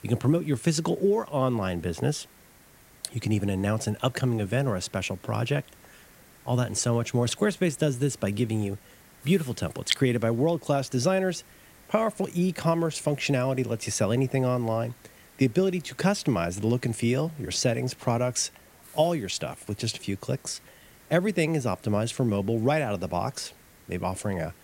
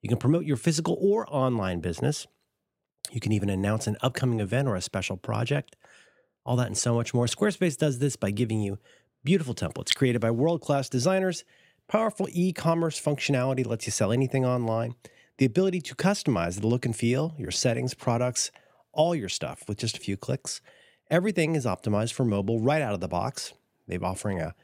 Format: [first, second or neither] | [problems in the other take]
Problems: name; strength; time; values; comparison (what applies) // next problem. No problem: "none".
second | hiss; faint; throughout; 25 dB below the speech